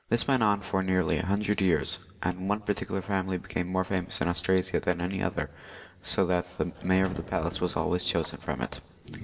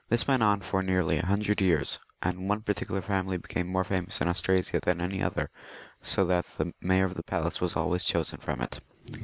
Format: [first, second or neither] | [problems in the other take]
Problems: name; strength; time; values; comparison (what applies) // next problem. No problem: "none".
second | background sound (Sliding door / Wood); 16 dB below the speech // room echo; dies away in 1.2 s